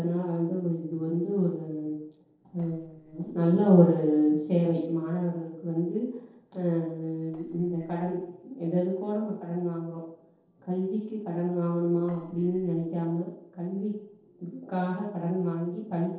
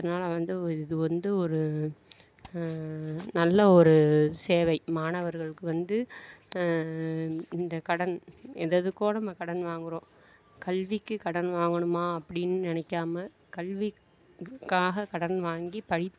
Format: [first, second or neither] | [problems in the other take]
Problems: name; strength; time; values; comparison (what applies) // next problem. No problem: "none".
second | noise reduction (neural separator model SepFormer DNS4)